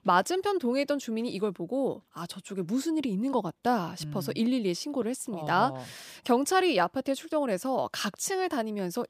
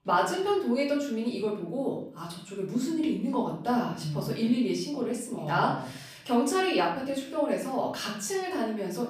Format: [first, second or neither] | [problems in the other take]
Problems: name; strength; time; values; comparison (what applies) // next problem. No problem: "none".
first | room echo; noticeable; dies away in 0.6 s // off-mic speech; far